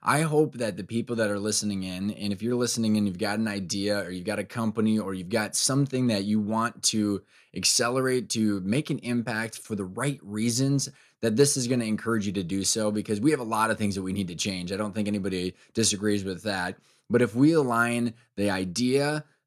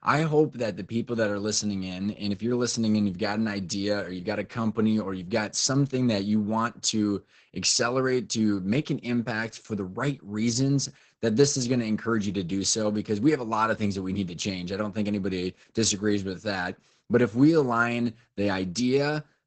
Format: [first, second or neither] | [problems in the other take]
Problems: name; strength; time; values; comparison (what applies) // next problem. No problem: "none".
first | garbled, watery; badly; nothing above 8 kHz